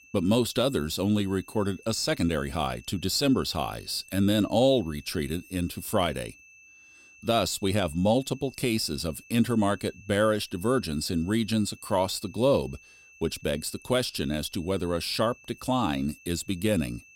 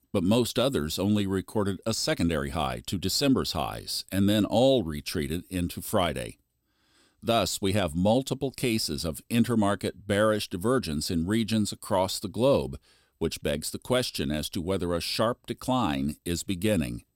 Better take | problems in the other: second | high-pitched whine; faint; throughout; 2.5 kHz, 25 dB below the speech

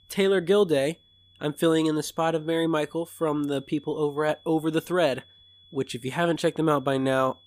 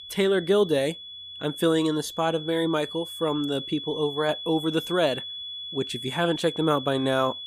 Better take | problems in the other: first | high-pitched whine; loud; throughout; 3.5 kHz, 9 dB below the speech; faint in the first

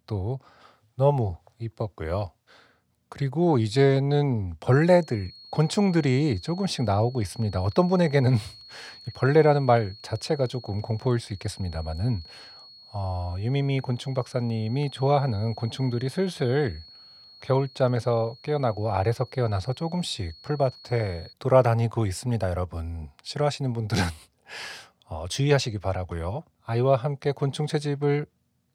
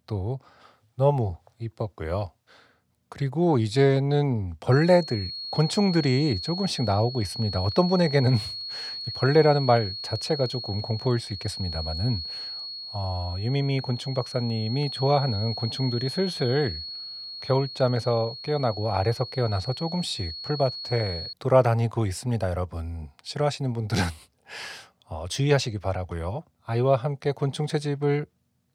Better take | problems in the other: first | high-pitched whine; loud; from 4.5 to 21 s; 4.5 kHz, 8 dB below the speech; faint in the first

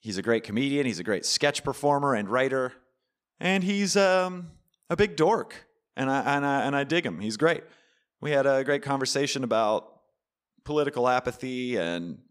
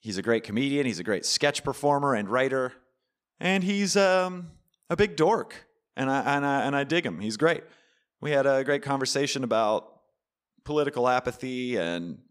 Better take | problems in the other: neither | none

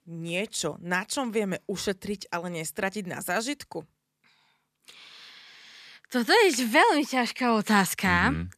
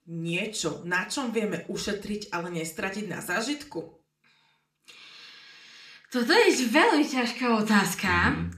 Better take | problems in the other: first | room echo; very slight; dies away in 0.4 s // off-mic speech; somewhat distant

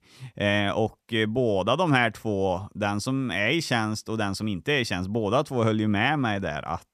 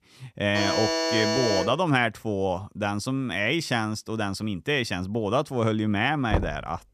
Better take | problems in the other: first | alarm; loud; from 0.5 to 2 s; peak 2 dB above the speech // door banging; noticeable; at 6.5 s; peak 4 dB below the speech

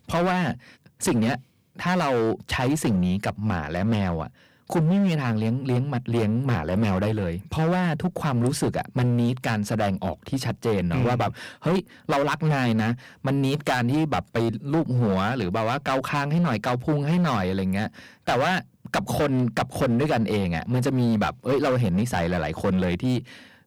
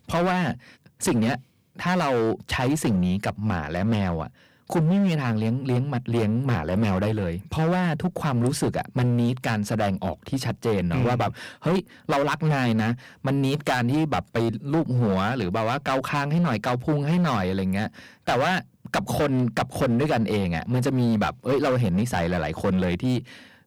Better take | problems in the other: neither | distortion; heavy; 14% of the sound clipped; the same in both

